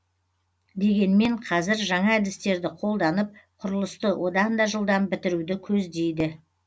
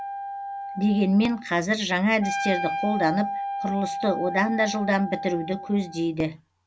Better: first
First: none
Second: background sound (Wind instrument, woodwind instrument); 7 dB below the speech

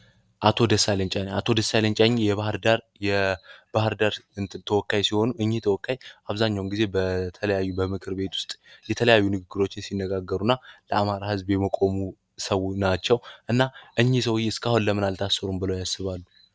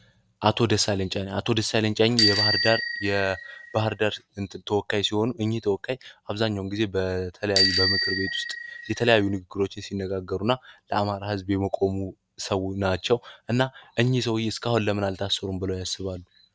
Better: first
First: none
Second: background sound (Bicycle bell); 2 dB below the speech

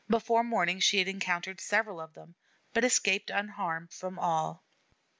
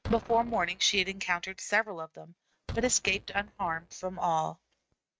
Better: first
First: none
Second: noise reduction (neural mask model RNNoise)

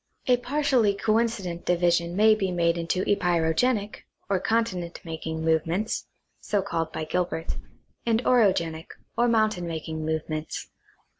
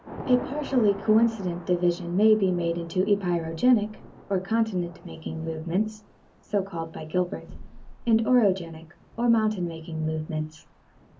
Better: first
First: none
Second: background sound (Thunder / Rain); 18 dB below the speech // room echo; dies away in 0.3 s

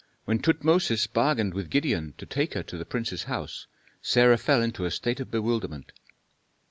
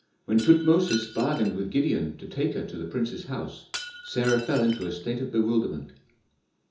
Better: first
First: none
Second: background sound (Shatter); 17 dB below the speech // room echo; dies away in 0.6 s

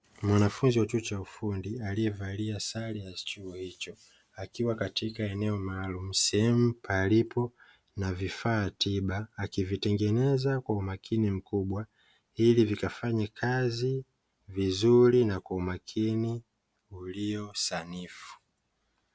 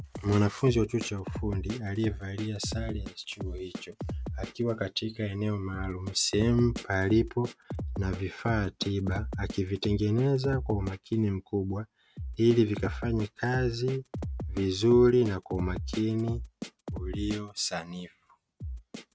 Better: first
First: none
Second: noise reduction (neural mask model RNNoise)

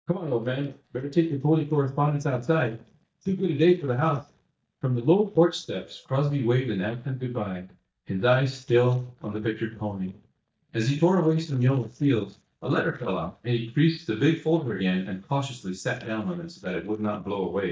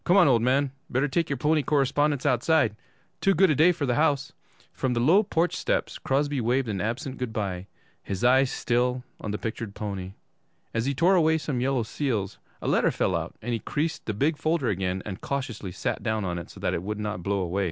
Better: second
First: noise reduction (neural mask model DeepFilterNet 3)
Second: none

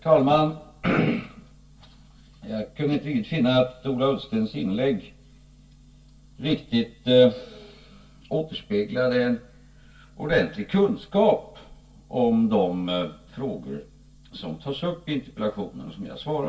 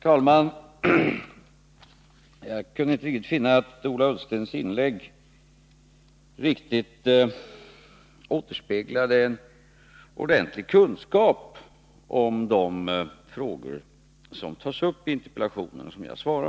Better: second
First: room echo; dies away in 0.2 s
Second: none

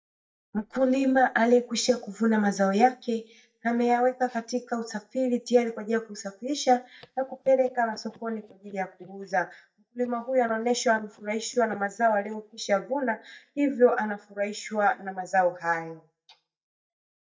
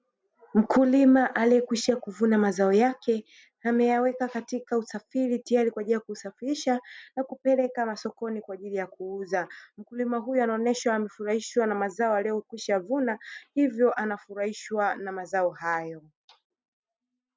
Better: second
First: noise reduction (neural mask model DeepFilterNet 3)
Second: none

